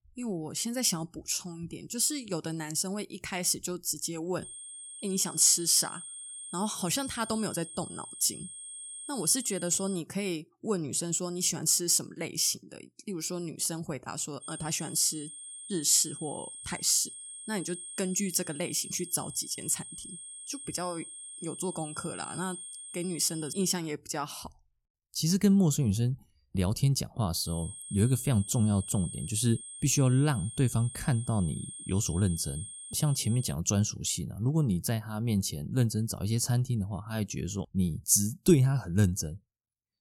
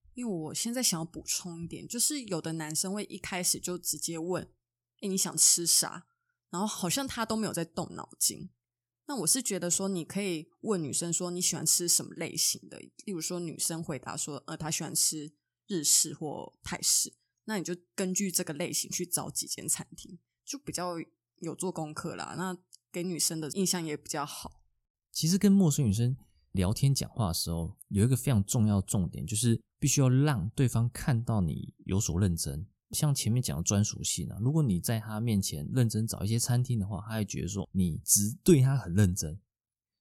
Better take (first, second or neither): second